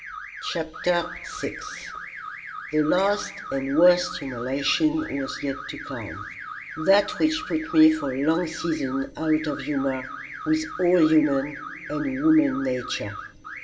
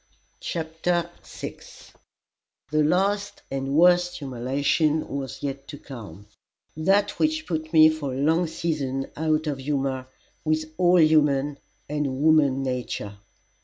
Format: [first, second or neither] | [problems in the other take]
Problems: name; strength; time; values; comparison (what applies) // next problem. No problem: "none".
second | background sound (Alarm / Car); 12 dB below the speech // room echo; dies away in 1.3 s